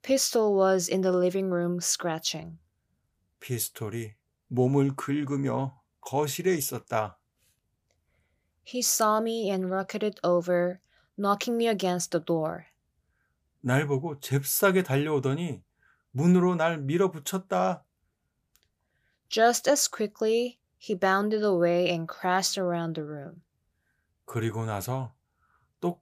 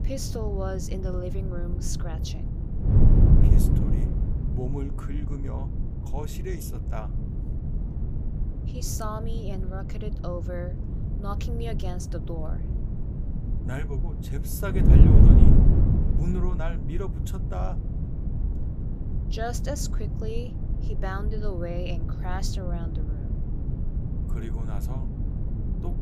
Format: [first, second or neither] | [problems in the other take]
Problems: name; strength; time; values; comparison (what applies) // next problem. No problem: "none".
first | wind noise on the microphone; heavy; 1 dB below the speech